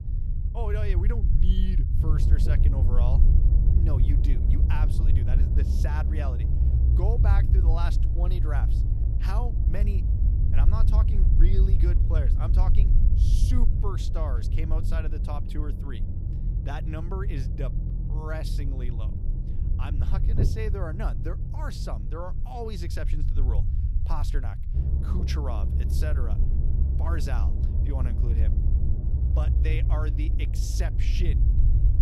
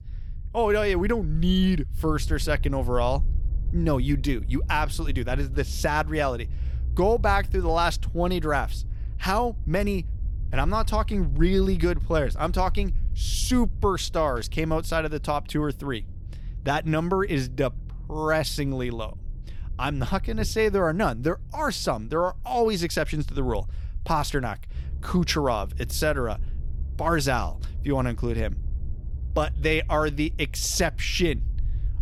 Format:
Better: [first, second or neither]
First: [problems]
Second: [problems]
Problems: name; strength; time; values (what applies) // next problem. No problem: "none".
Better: second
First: low rumble; loud; throughout; 3 dB below the speech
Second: low rumble; faint; throughout; 25 dB below the speech